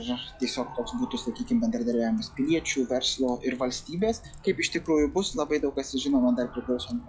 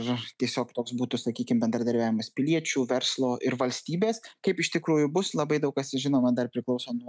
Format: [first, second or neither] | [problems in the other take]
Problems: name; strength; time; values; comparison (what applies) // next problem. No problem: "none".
second | noise reduction (classical method log-MMSE)